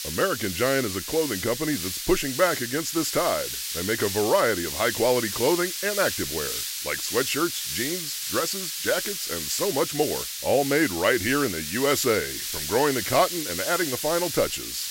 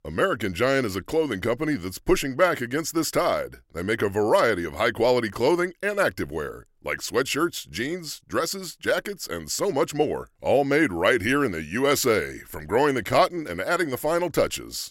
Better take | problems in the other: second | hiss; loud; throughout; 4 dB below the speech

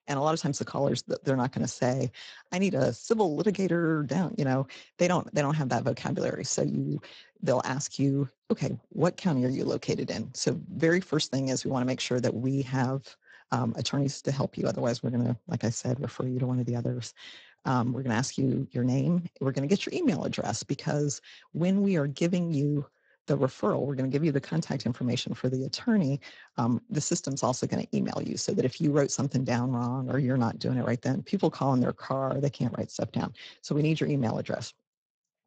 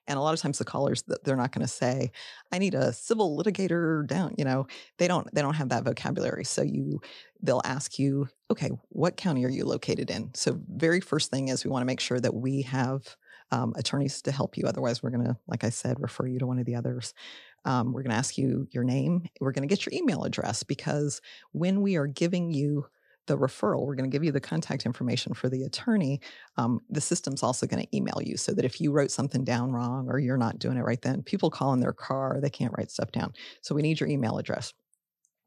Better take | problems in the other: second | garbled, watery; badly; nothing above 7.5 kHz

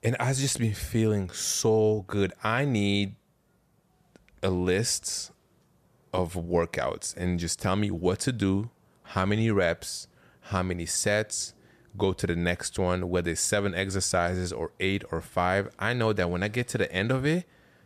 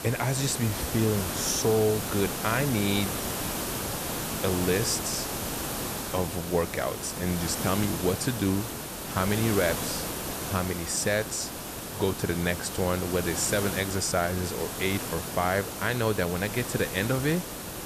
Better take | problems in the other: first | hiss; loud; throughout; 4 dB below the speech

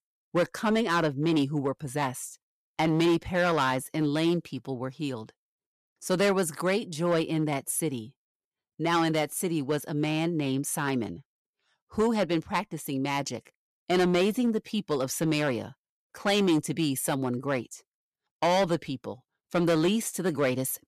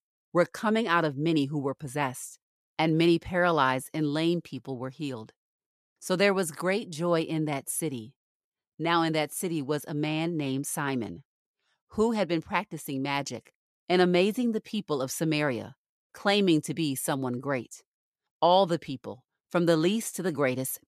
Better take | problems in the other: second | distortion; slight; 5% of the sound clipped

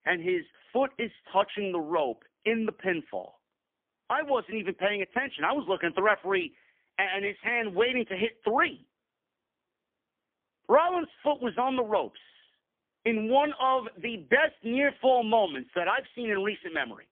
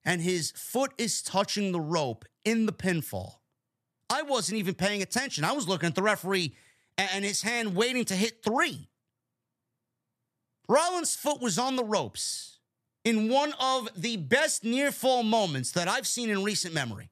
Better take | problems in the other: second | phone-call audio; poor line; nothing above 3.5 kHz

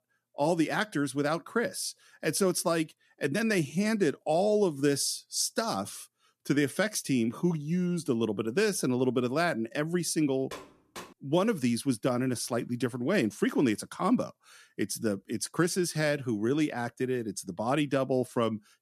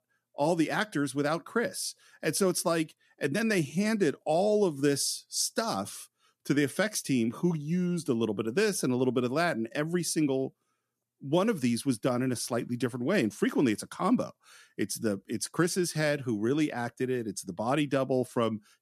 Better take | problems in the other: second | door banging; faint; at 11 s; peak 15 dB below the speech

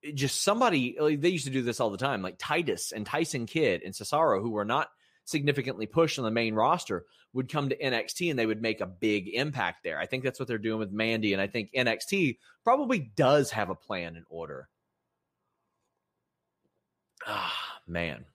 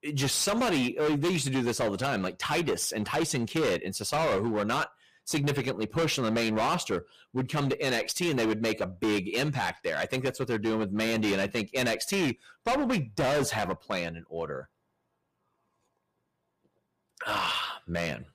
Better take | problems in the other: first | distortion; heavy; 16% of the sound clipped

